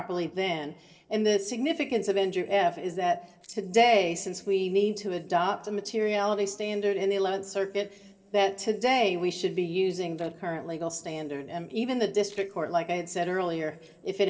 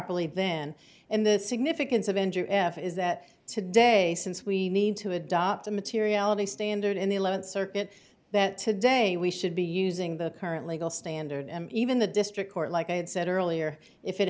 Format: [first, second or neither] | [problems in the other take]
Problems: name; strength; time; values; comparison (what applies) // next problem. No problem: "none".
second | noise reduction (neural separator model SepFormer DNS4)